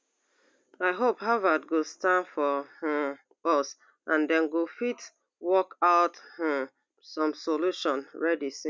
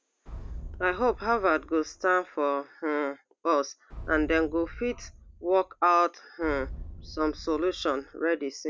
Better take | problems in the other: first | background sound (Boom); 14 dB below the speech

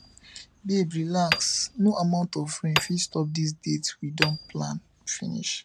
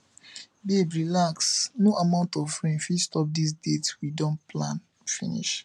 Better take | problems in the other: second | background sound (Hammer); 8 dB below the speech

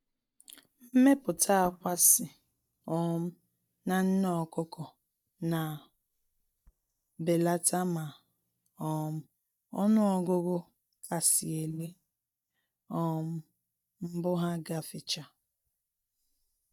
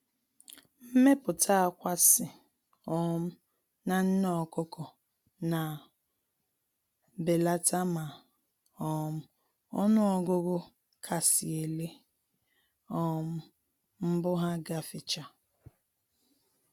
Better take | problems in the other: second | noise reduction (neural mask model DeepFilterNet 3)

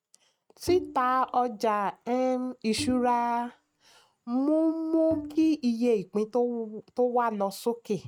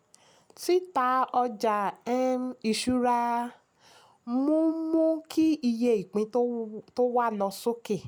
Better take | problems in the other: second | noise reduction (neural mask model RNNoise)

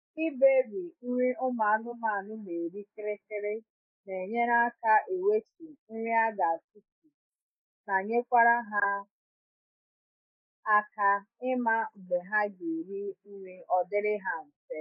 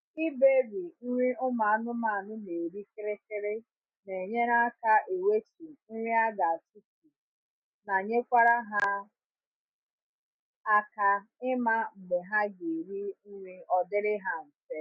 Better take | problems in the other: second | noise reduction (neural mask model Resemble Enhance denoiser)

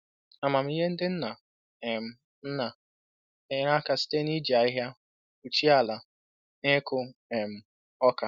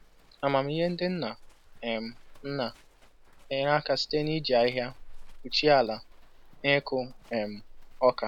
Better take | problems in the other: first | background sound (Livestock, farm animals, working animals); 17 dB below the speech

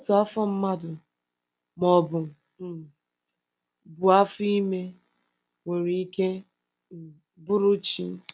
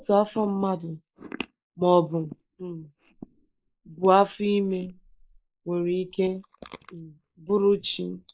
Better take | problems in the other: first | noise reduction (neural mask model Resemble Enhance denoiser)

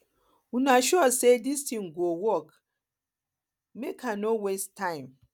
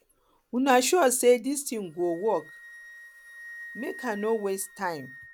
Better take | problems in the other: first | background sound (Wind instrument, woodwind instrument); 20 dB below the speech

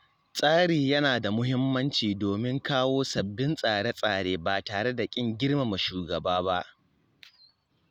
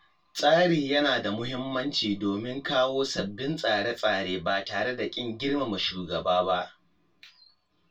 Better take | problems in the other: first | room echo; dies away in 0.2 s

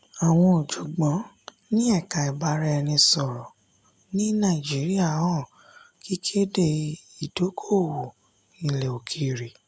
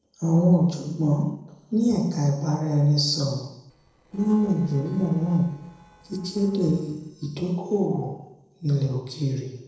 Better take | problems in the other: first | noise reduction (neural separator model SepFormer DNS4)

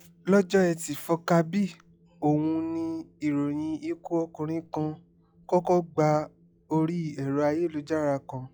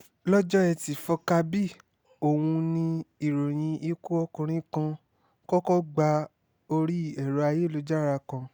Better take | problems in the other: second | noise reduction (classical method log-MMSE)

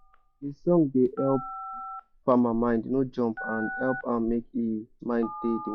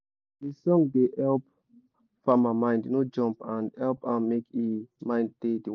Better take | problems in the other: second | noise reduction (classical method log-MMSE)

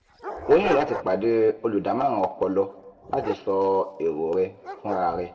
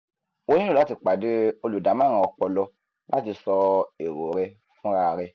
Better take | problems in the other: second | background sound (Dog); 12 dB below the speech // room echo; dies away in 0.9 s

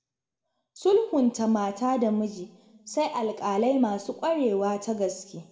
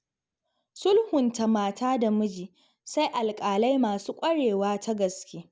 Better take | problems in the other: second | room echo; dies away in 0.9 s

